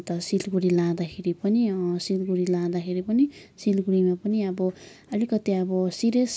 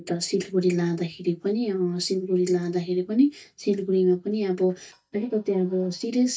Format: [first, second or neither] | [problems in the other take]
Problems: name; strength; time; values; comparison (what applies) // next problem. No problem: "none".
first | noise reduction (neural mask model DeepFilterNet 3)